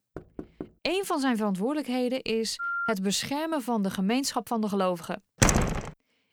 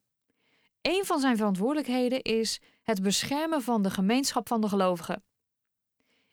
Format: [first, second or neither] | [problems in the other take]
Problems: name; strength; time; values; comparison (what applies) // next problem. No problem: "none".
second | door banging; faint; at the start; peak 15 dB below the speech // phone ringing; noticeable; at 2.5 s; peak 1 dB below the speech // door banging; loud; at 5.5 s; peak 6 dB above the speech